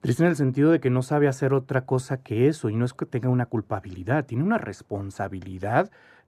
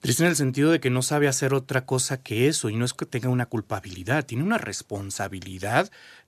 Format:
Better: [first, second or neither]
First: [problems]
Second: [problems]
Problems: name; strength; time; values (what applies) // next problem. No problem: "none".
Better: second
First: muffled; very; fading above 2 kHz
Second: none